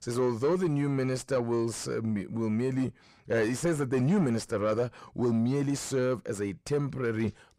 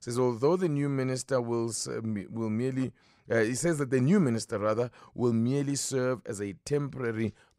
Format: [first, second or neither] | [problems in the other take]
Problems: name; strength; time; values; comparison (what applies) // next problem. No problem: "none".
second | distortion; slight; 10 dB below the speech